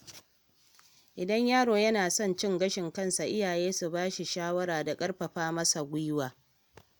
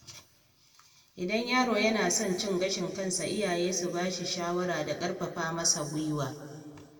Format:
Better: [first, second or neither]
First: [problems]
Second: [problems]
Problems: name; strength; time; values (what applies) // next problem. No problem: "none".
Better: first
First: none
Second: room echo; dies away in 1.9 s